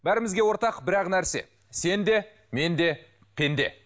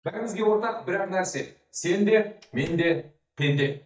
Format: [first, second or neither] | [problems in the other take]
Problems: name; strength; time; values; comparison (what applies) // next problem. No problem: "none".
first | noise reduction (neural mask model DeepFilterNet 3)